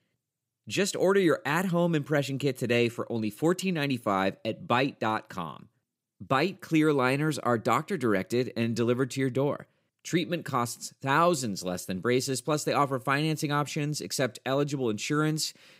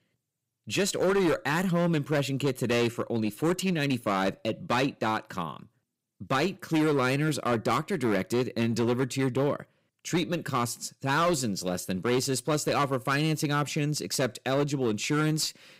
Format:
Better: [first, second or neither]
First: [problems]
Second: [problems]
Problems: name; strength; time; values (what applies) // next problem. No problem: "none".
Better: first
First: none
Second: distortion; slight; 10% of the sound clipped